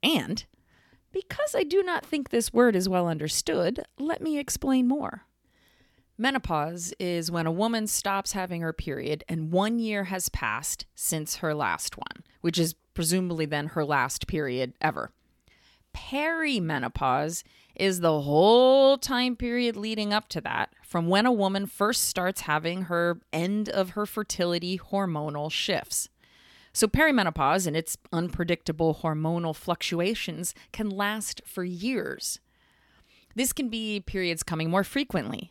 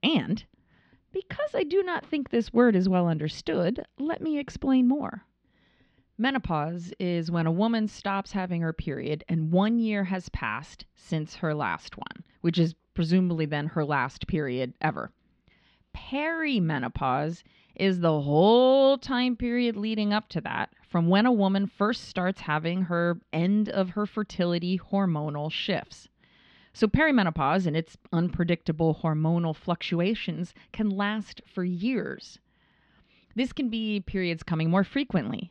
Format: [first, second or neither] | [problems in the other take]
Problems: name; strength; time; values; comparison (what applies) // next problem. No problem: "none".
first | muffled; slightly; fading above 4 kHz